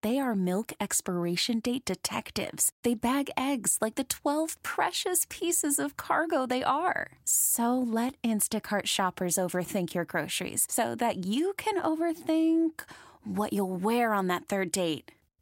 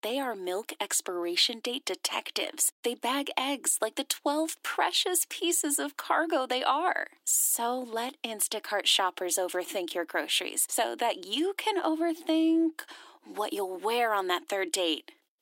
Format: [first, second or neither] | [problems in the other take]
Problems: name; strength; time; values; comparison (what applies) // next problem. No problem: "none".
first | thin; somewhat; fading below 300 Hz